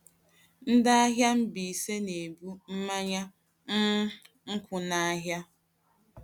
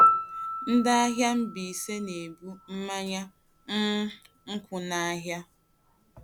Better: first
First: none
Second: background sound (Piano); 1 dB below the speech

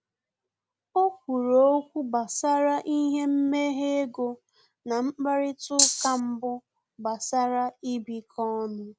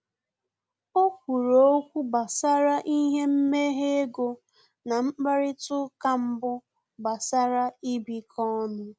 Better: second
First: background sound (Rattle (instrument)); 4 dB above the speech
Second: none

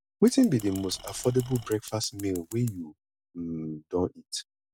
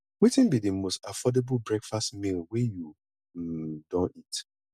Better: second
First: background sound (Engine / Tools + Scissors); 18 dB below the speech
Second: none

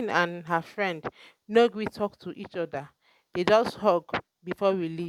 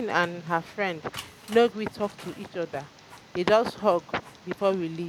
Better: first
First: none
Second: background sound (Printer + Tick); 19 dB below the speech

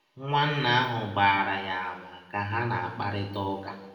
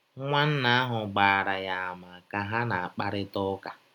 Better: second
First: room echo; dies away in 0.9 s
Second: none

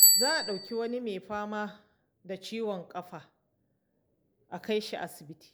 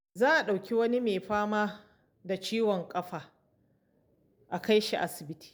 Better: second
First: background sound (Bicycle bell); 4 dB above the speech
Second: none

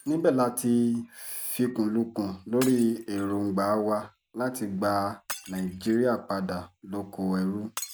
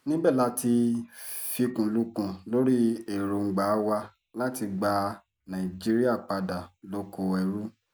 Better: second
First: background sound (Shatter); 19 dB below the speech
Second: none

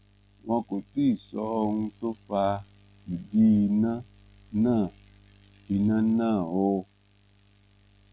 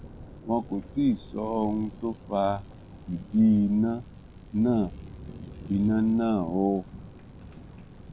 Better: first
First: none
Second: background sound (Thunder); 16 dB below the speech

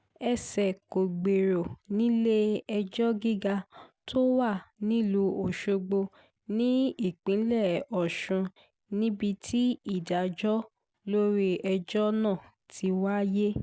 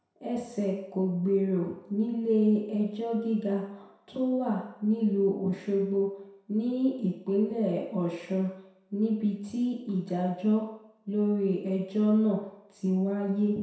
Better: first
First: none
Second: room echo; dies away in 0.7 s

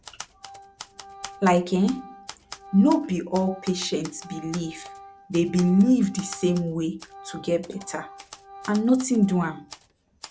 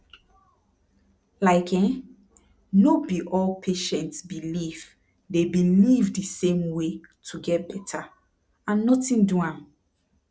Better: second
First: background sound (Organ + Typewriter); 18 dB below the speech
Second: none

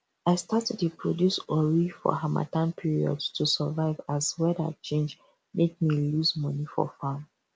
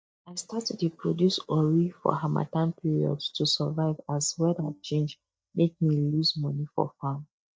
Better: first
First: none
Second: noise reduction (neural mask model DeepFilterNet 3)

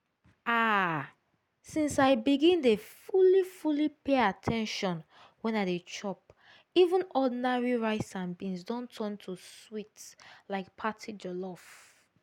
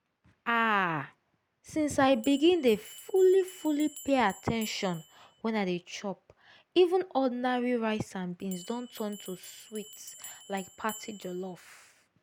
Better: first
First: none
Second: background sound (Bell); 20 dB below the speech

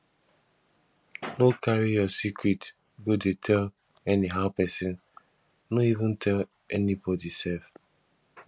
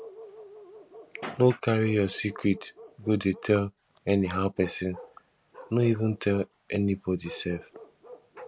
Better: first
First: none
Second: background sound (Bark); 20 dB below the speech

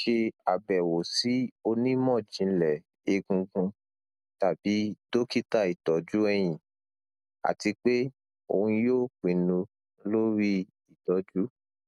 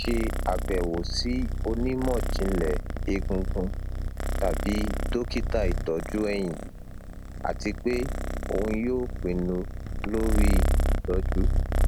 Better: first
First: none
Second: background sound (Purr); 3 dB above the speech

